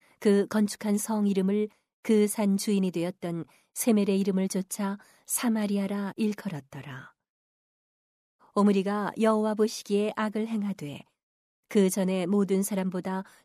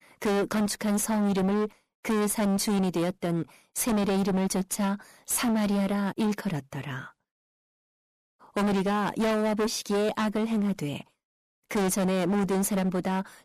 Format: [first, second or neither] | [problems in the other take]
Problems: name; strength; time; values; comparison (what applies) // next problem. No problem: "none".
first | distortion; heavy; 27% of the sound clipped